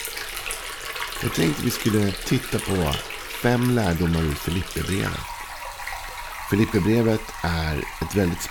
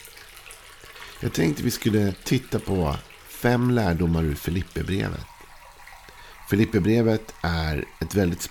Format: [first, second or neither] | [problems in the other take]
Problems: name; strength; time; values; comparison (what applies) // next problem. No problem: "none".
second | rain or running water; loud; throughout; 7 dB below the speech; faint in the second